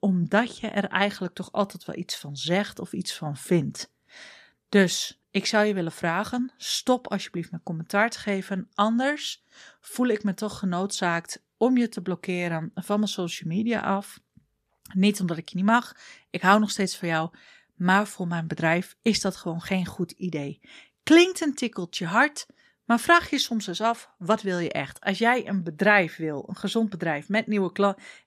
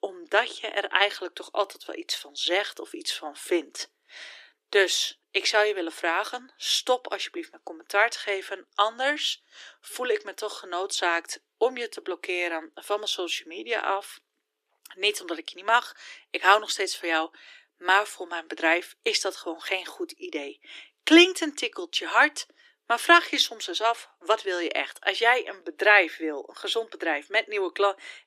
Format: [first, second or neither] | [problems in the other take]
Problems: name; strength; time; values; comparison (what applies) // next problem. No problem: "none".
first | thin; very; fading below 300 Hz